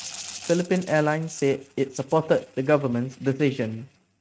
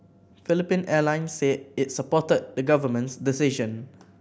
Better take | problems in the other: second | noise reduction (neural mask model RNNoise)

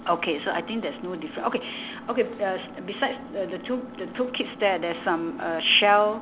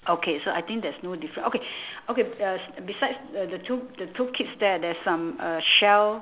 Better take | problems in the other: second | background sound (Engine); 15 dB below the speech

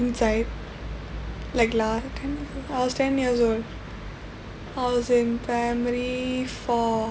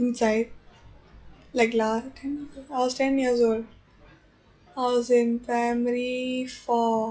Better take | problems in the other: first | noise reduction (classical method log-MMSE)

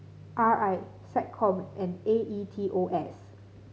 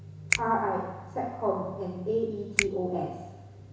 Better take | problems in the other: first | background sound (Finger snapping); 4 dB below the speech // room echo; dies away in 1.1 s

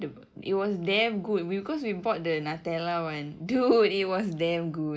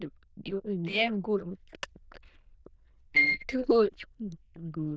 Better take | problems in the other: first | noise reduction (neural diffusion model UNIVERSE++)

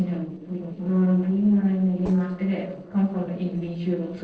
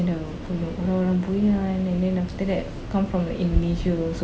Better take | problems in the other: second | noise reduction (neural separator model SepFormer DNS4)

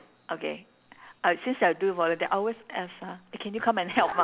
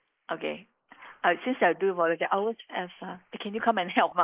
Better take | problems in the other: first | noise reduction (neural mask model Resemble Enhance denoiser)

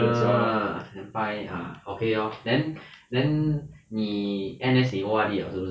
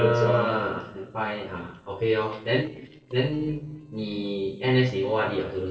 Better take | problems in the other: first | noise reduction (neural separator model SepFormer DNS4)

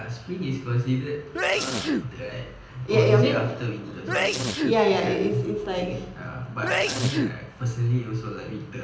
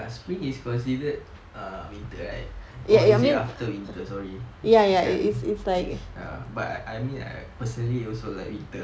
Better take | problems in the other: second | background sound (Sneeze); 3 dB below the speech // room echo; dies away in 0.8 s

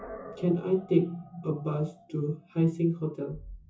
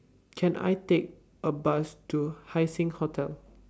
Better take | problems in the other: second | noise reduction (classical method WPE with log-MMSE)

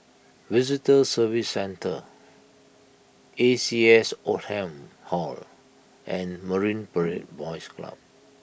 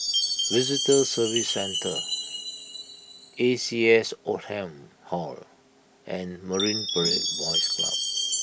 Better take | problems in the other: first | background sound (Chime); 2 dB below the speech

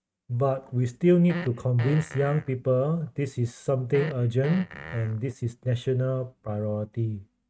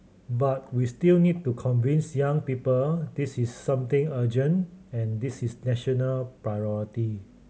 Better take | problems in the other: second | noise reduction (neural mask model RNNoise)

